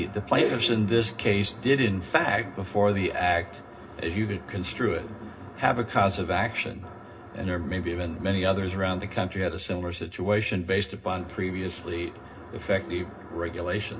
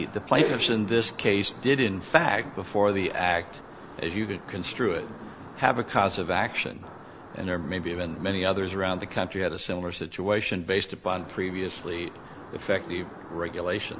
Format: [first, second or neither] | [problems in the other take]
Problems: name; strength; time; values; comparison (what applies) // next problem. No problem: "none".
second | room echo; dies away in 0.4 s